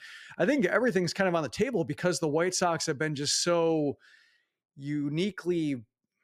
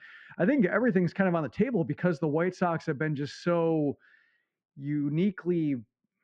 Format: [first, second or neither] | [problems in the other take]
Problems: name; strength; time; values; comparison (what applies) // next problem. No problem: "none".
first | muffled; very; fading above 2 kHz